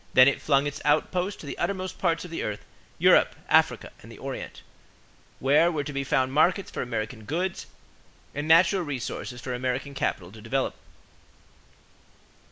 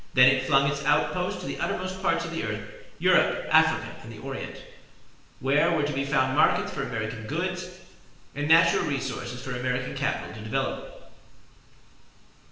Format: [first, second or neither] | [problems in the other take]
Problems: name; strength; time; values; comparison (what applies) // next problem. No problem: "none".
first | room echo; dies away in 1.1 s